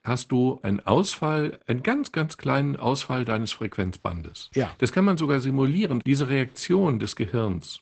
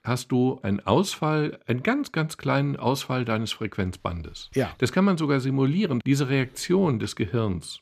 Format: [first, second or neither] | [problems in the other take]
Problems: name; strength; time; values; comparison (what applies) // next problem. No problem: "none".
second | garbled, watery; badly; nothing above 8 kHz